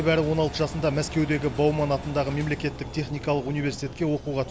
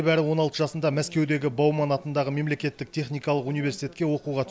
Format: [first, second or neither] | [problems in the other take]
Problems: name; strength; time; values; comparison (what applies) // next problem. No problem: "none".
second | background sound (Engine); 12 dB below the speech